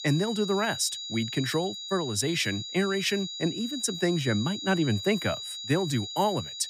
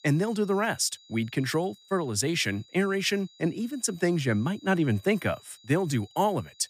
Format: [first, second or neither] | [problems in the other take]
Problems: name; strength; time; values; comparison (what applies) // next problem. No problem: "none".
second | high-pitched whine; loud; throughout; 4 kHz, 7 dB below the speech; faint in the second